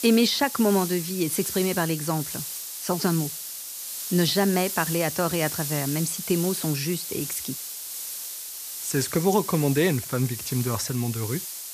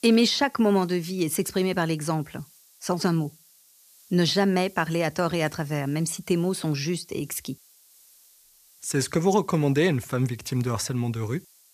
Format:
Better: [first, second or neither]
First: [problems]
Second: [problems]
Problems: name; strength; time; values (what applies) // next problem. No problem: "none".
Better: second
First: hiss; loud; throughout; 6 dB below the speech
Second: hiss; faint; throughout; 25 dB below the speech